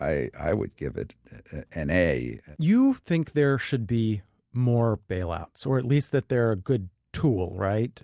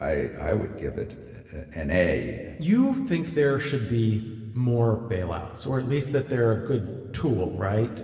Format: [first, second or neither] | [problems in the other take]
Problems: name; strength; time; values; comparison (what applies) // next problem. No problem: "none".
first | room echo; dies away in 1.9 s